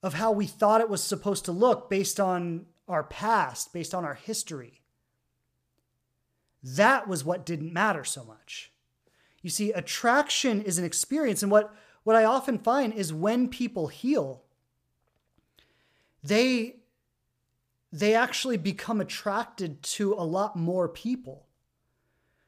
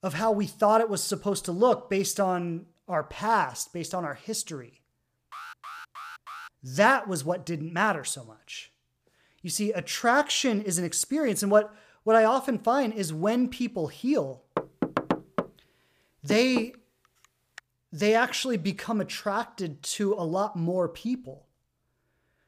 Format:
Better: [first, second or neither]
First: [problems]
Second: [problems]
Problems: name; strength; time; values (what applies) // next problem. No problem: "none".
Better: first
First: none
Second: alarm; faint; from 5.5 to 6.5 s; peak 15 dB below the speech // door banging; noticeable; from 15 to 18 s; peak 2 dB below the speech